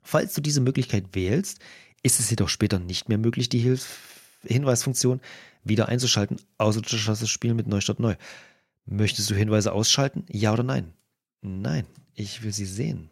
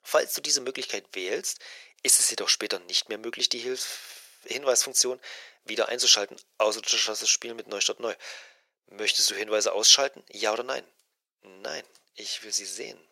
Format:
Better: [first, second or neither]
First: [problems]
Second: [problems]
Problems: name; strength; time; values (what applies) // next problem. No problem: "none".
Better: first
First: none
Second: thin; very; fading below 450 Hz